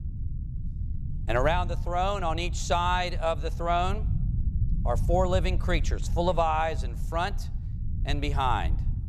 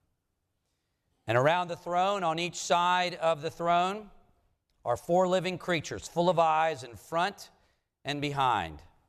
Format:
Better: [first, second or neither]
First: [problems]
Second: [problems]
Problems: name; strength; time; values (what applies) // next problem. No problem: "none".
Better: second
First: low rumble; faint; throughout; 20 dB below the speech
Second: none